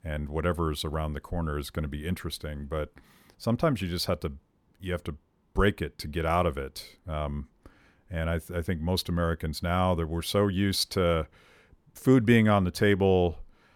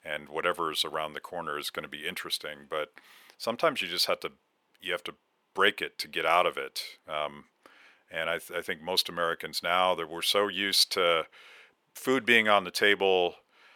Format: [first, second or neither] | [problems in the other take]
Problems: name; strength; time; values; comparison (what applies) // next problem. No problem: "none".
first | thin; very; fading below 500 Hz